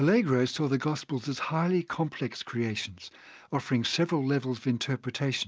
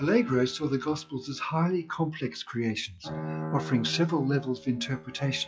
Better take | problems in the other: first | noise reduction (classical method WPE with log-MMSE)

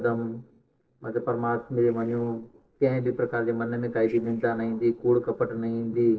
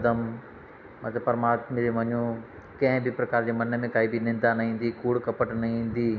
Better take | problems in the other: second | noise reduction (neural separator model SepFormer DNS4)

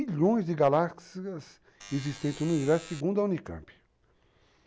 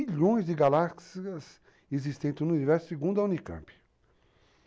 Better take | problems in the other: second | background sound (Alarm); 16 dB below the speech

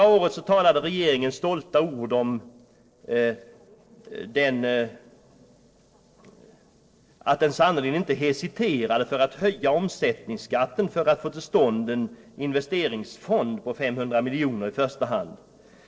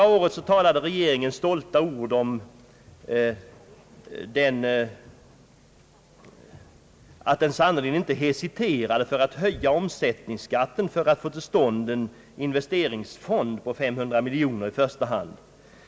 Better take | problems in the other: second | noise reduction (neural separator model SepFormer DNS4)

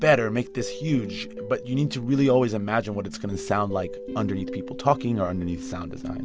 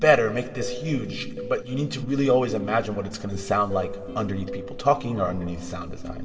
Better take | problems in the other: first | room echo; dies away in 1.8 s

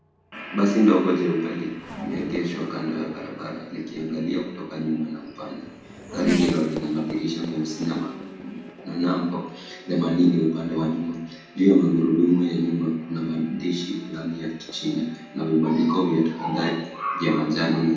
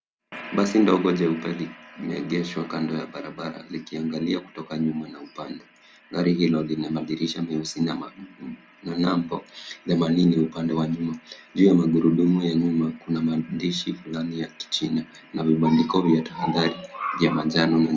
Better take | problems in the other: second | background sound (Race car, auto racing / Accelerating, revving, vroom); 16 dB below the speech // room echo; dies away in 0.8 s

